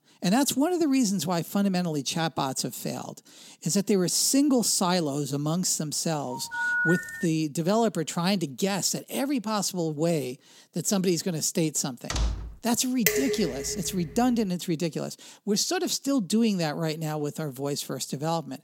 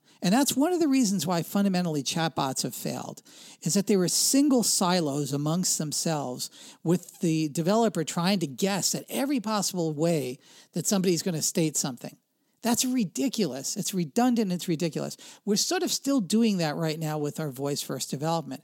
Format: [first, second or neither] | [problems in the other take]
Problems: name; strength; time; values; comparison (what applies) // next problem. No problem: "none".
second | phone ringing; loud; at 6.5 s; peak 1 dB above the speech // door banging; noticeable; at 12 s; peak 3 dB below the speech // clattering dishes; loud; at 13 s; peak 2 dB above the speech